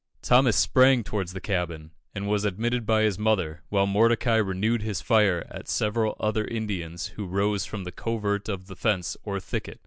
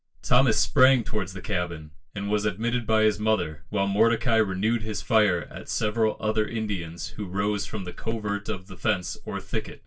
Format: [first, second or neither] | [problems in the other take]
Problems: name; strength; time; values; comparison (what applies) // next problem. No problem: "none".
first | noise reduction (neural separator model SepFormer DNS4)